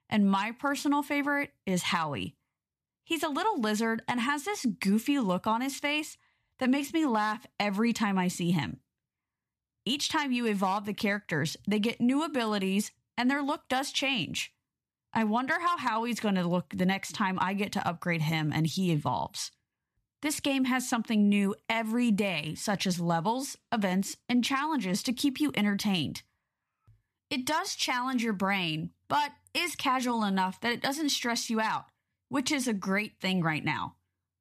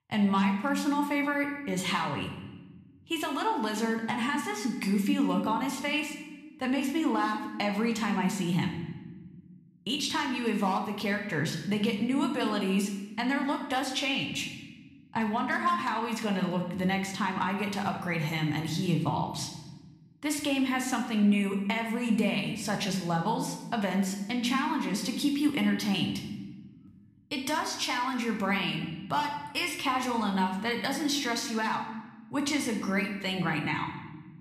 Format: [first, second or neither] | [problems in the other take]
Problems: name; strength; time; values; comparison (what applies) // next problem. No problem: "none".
first | room echo; slight; dies away in 1 s